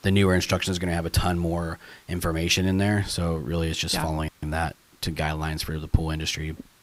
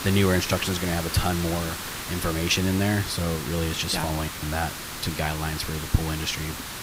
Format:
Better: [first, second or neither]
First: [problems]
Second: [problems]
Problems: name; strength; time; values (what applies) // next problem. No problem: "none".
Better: first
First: hiss; faint; throughout; 30 dB below the speech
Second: hiss; loud; throughout; 6 dB below the speech